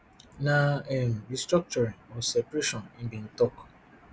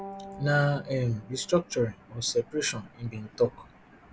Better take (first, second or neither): first